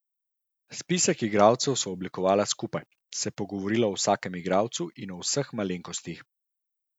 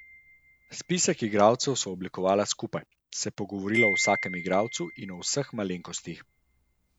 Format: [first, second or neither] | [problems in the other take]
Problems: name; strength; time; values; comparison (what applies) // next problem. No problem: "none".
first | background sound (Wind chime); 8 dB below the speech